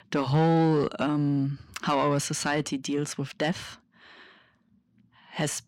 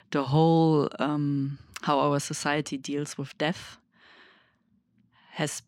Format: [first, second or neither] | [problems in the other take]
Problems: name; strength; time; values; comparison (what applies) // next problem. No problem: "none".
second | distortion; slight; 10 dB below the speech